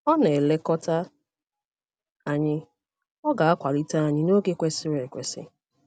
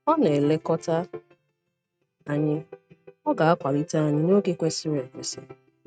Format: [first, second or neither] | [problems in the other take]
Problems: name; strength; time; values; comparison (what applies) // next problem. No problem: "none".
first | noise reduction (neural mask model RNNoise)